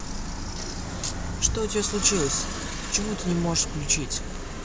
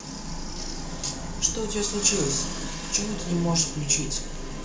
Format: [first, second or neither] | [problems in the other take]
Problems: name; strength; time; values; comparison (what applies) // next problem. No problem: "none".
first | room echo; dies away in 0.4 s